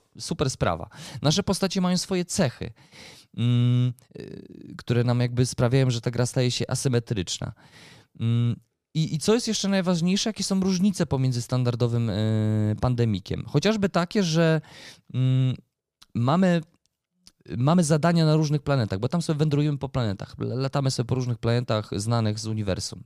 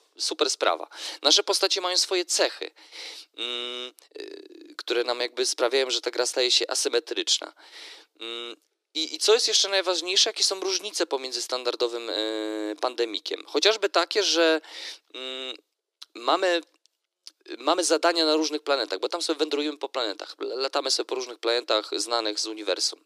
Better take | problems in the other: first | thin; very; fading below 300 Hz

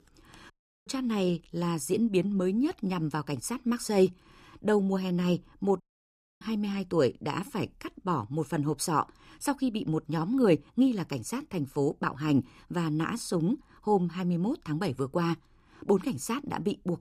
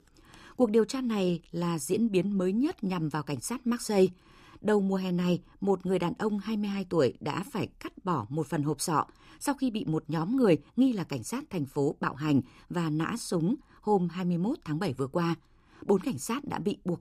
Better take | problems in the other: second | audio cutting out; at 0.5 s and at 6 s for 0.5 s

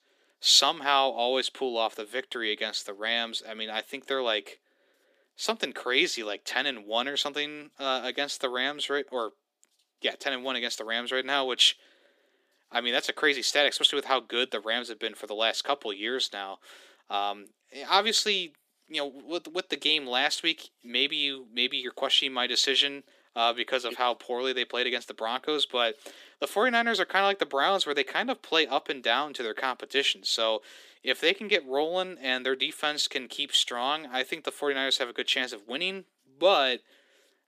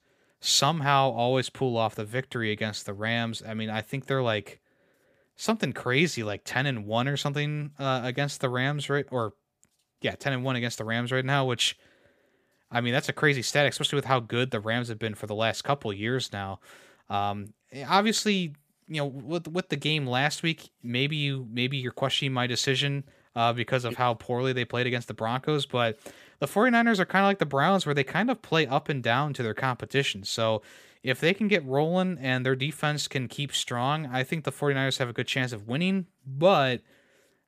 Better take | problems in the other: second | thin; somewhat; fading below 300 Hz

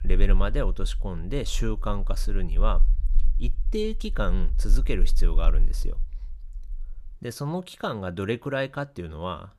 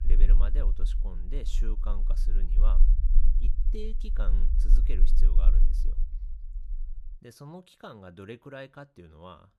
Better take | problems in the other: first | low rumble; loud; until 7 s; 8 dB below the speech; faint in the first

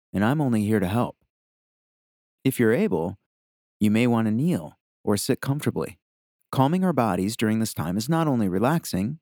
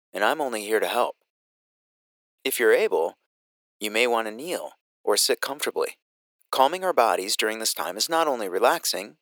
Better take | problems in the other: first | thin; very; fading below 450 Hz

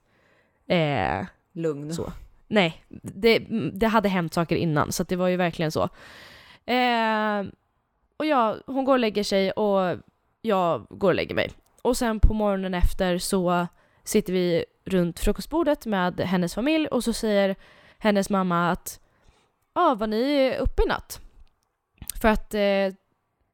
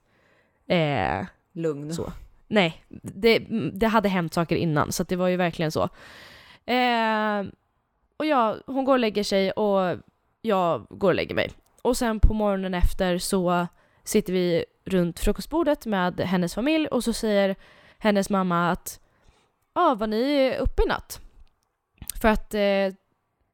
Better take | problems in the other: neither | none

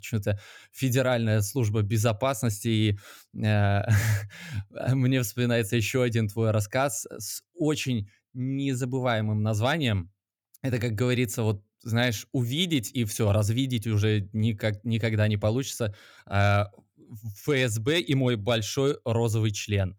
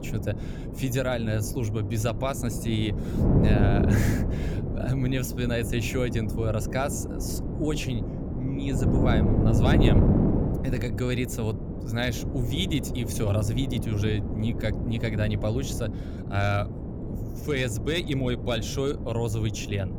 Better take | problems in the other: first | wind noise on the microphone; heavy; 4 dB below the speech

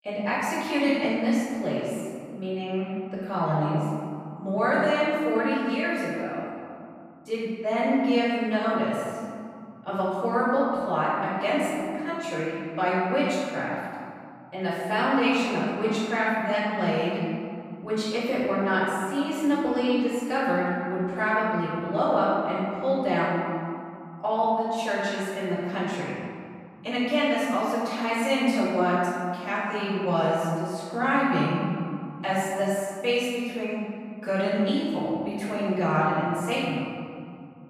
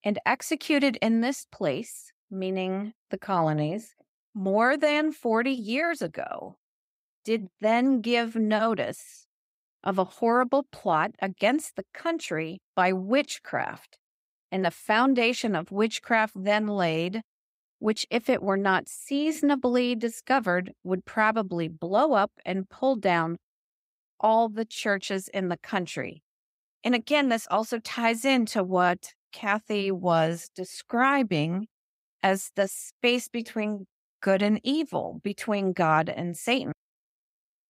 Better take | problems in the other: second | room echo; strong; dies away in 2.3 s // off-mic speech; far

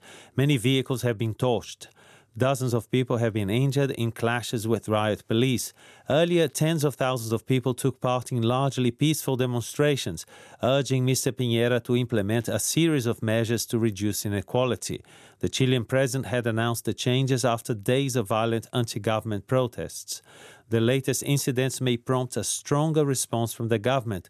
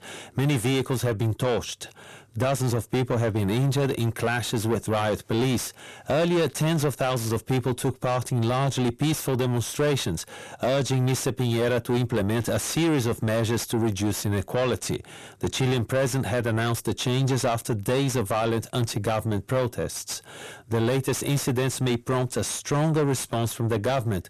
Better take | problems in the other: first | distortion; heavy; 7 dB below the speech

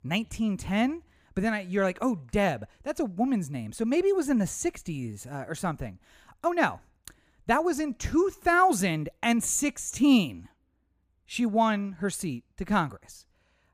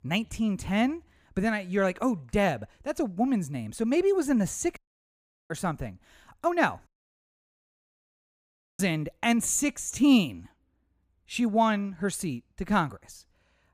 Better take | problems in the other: first | audio cutting out; at 5 s for 0.5 s and at 7 s for 2 s

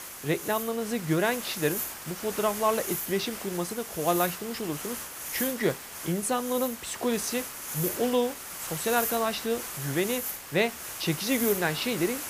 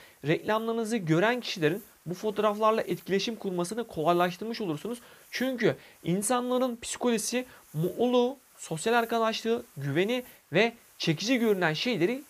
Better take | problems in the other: second | hiss; loud; throughout; 5 dB below the speech; faint in the second

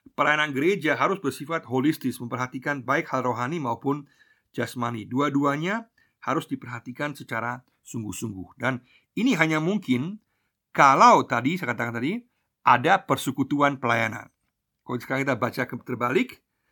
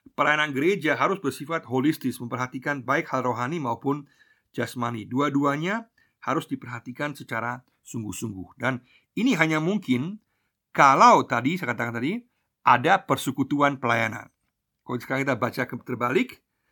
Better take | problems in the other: neither | none

